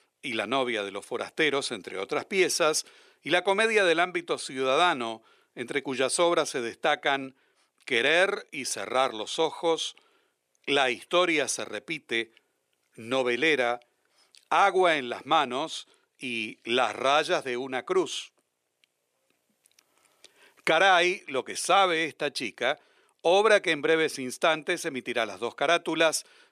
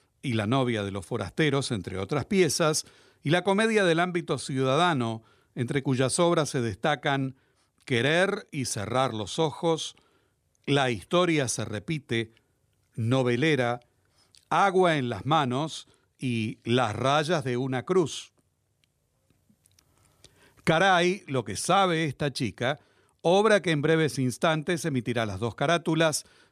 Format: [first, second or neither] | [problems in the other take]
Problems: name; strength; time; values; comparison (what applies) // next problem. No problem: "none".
second | thin; somewhat; fading below 450 Hz